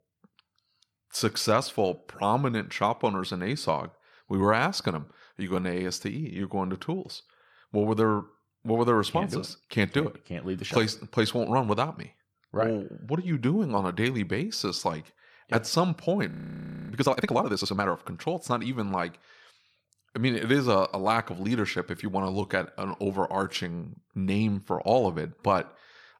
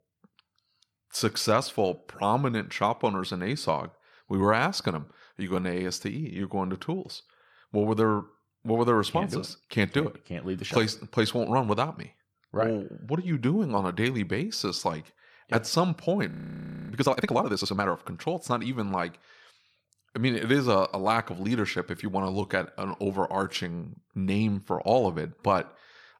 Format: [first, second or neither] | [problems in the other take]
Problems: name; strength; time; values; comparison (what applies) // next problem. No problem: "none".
neither | audio freezing; at 16 s for 0.5 s; the same in both